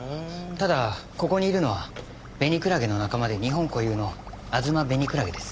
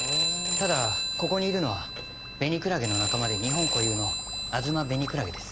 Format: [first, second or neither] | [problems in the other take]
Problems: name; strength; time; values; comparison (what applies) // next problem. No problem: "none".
first | background sound (Telephone); 1 dB below the speech